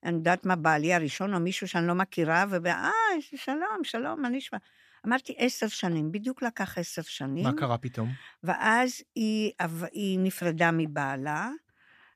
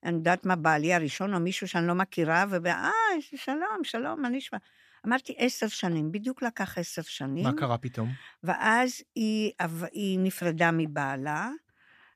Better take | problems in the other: neither | none

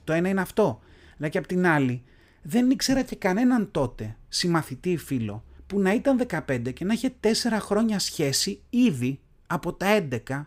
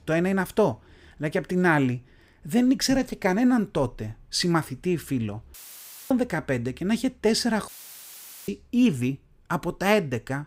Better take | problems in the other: first | audio cutting out; filled with static; at 5.5 s for 0.5 s and at 7.5 s for 1 s

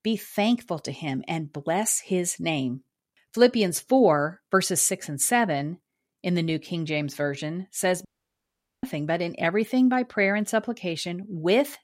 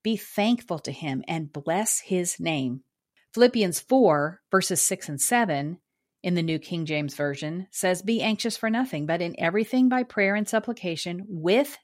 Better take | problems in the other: second | audio cutting out; at 8 s for 1 s

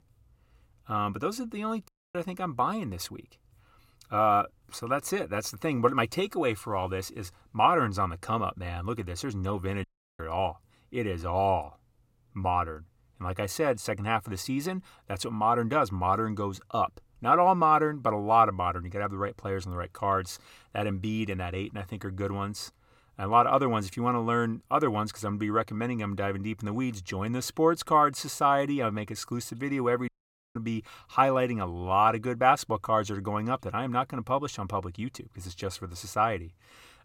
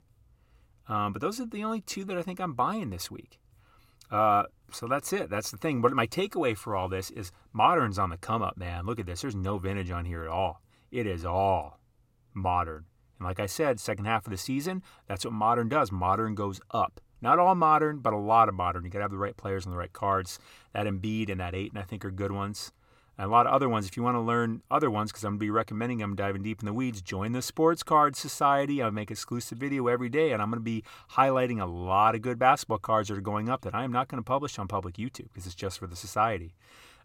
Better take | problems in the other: second | audio cutting out; at 2 s, at 10 s and at 30 s

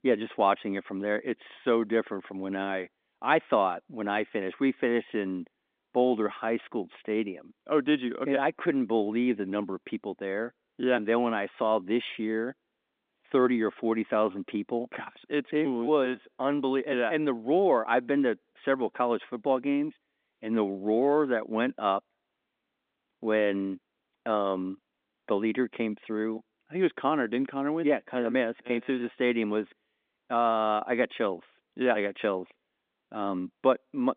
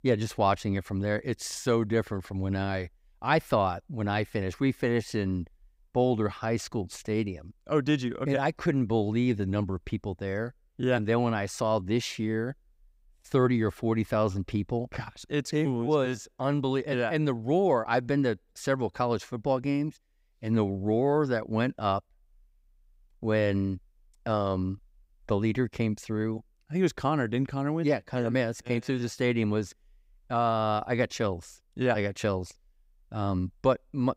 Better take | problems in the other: second | phone-call audio

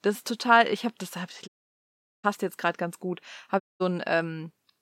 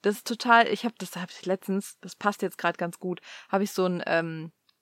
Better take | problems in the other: second | audio cutting out; at 1.5 s for 1 s and at 3.5 s

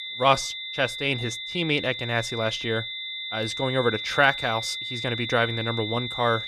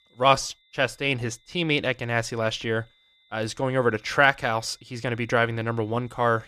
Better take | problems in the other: second | high-pitched whine; loud; throughout; 3.5 kHz, 5 dB below the speech; faint in the second

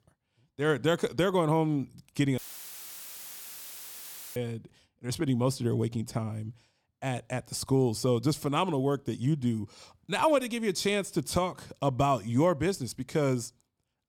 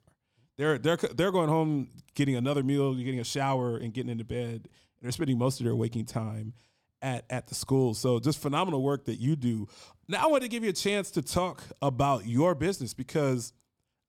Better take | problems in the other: second | audio cutting out; filled with static; at 2.5 s for 2 s

